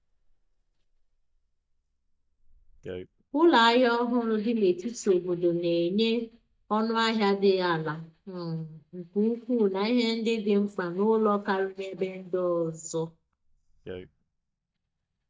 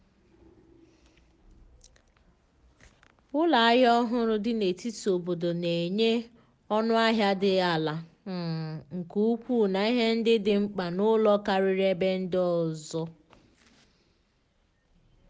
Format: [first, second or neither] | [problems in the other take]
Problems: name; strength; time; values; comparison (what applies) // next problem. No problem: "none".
second | noise reduction (neural mask model DeepFilterNet 3)